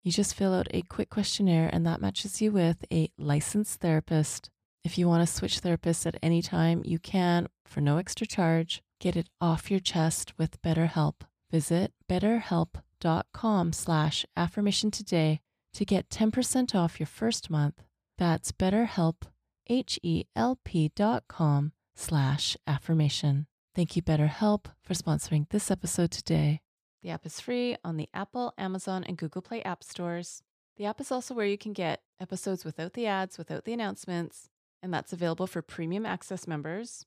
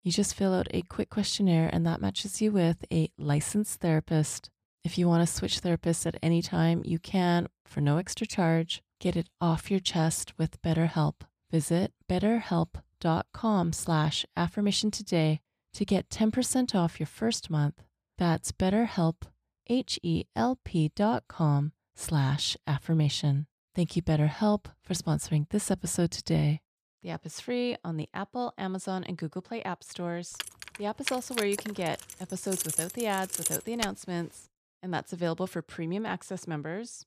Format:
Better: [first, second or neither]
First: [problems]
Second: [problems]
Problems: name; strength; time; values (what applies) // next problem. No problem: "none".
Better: first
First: none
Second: jangling keys; loud; from 30 to 34 s; peak level with the speech